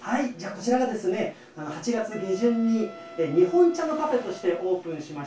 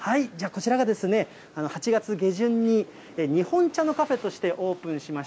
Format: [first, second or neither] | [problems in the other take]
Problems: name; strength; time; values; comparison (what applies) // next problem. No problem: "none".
second | background sound (Wind instrument, woodwind instrument); 18 dB below the speech // room echo; dies away in 0.2 s